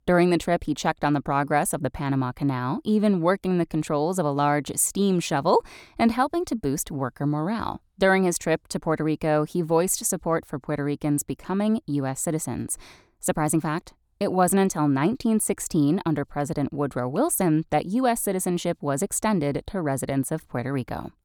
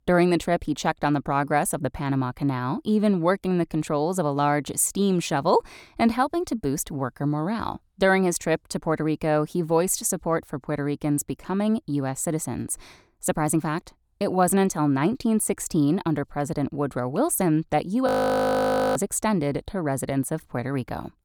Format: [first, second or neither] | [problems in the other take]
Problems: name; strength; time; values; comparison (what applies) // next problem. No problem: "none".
first | audio freezing; at 18 s for 1 s